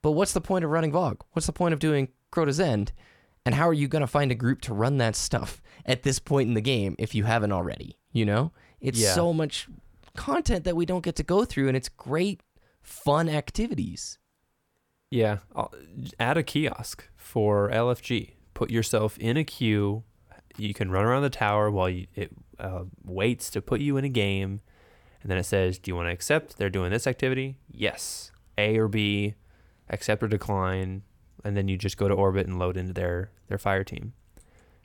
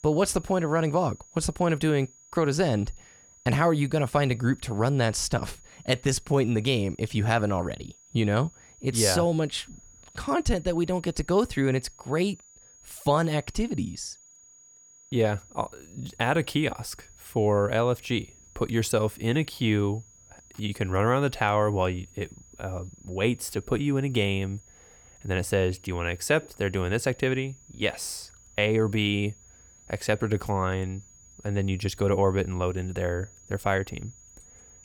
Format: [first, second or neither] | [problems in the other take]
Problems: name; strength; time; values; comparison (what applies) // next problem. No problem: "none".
first | high-pitched whine; faint; throughout; 7 kHz, 25 dB below the speech